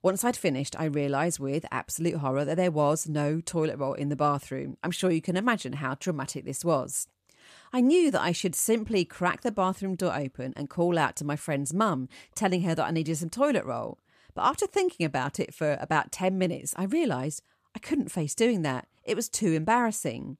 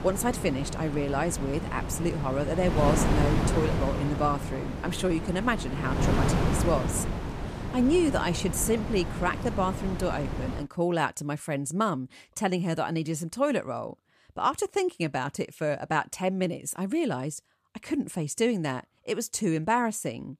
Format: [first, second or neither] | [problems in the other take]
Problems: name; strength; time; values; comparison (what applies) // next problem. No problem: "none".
first | wind noise on the microphone; heavy; until 11 s; 5 dB below the speech